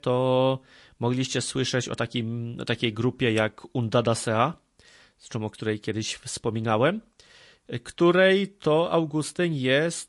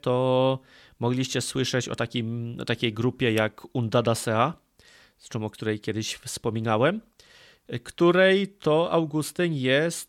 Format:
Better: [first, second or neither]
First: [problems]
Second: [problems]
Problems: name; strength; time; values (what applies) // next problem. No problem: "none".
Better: second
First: garbled, watery; slightly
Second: none